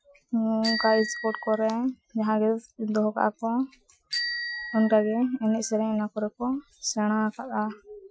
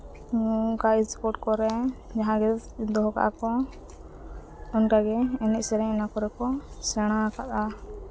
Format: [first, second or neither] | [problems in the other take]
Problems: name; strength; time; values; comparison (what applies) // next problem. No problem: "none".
second | noise reduction (classical method Wiener filter)